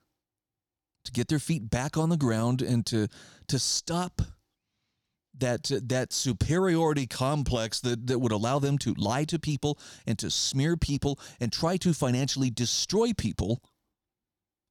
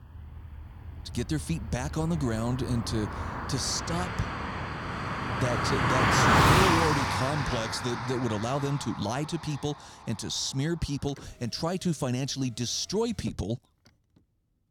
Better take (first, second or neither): first